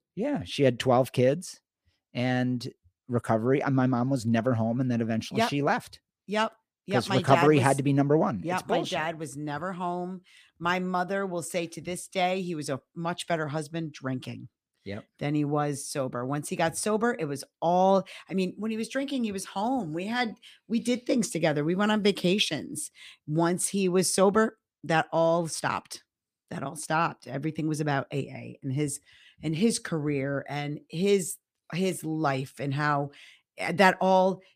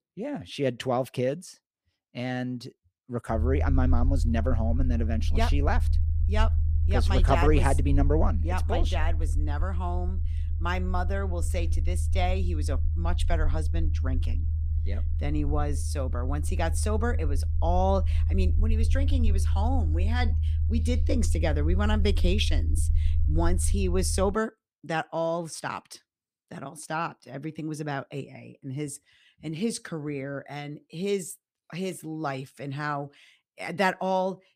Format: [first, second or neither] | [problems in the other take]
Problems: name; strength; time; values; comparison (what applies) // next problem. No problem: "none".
first | low rumble; noticeable; from 3.5 to 24 s; 15 dB below the speech